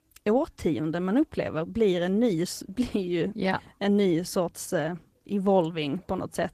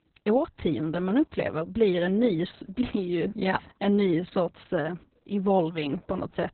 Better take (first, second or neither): first